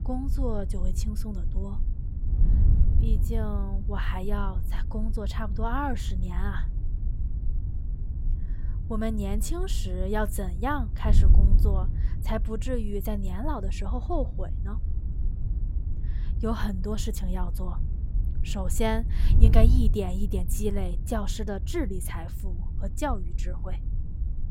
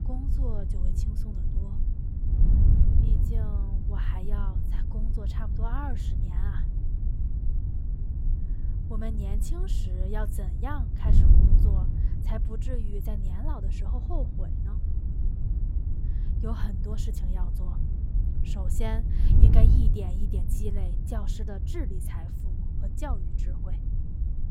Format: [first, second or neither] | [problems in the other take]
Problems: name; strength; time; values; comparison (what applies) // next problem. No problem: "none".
first | wind noise on the microphone; heavy; 2 dB below the speech; occasional gusts in the first